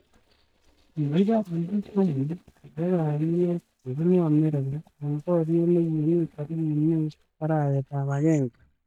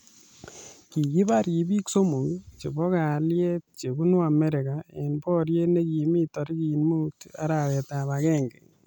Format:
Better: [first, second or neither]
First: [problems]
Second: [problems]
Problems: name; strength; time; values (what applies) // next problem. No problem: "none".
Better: second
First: noise reduction (neural mask model DeepFilterNet 3)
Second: none